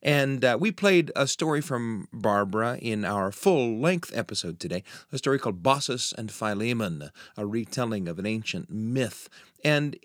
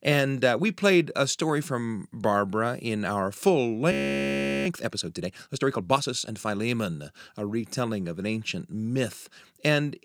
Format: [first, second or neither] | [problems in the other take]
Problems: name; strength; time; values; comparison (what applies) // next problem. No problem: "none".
first | audio freezing; at 4 s for 0.5 s